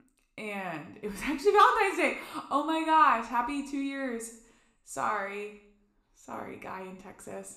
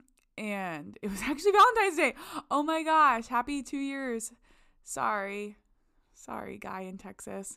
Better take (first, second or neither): second